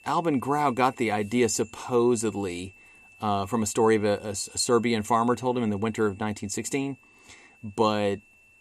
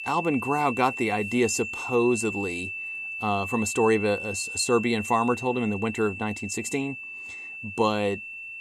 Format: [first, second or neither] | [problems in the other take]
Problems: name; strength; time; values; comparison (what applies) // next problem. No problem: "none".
first | high-pitched whine; loud; throughout; 2.5 kHz, 7 dB below the speech; faint in the first